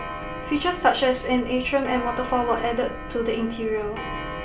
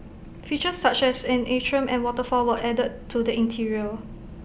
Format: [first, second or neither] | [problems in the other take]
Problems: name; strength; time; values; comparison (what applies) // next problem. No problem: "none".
second | background sound (Clock); 11 dB below the speech // room echo; dies away in 0.2 s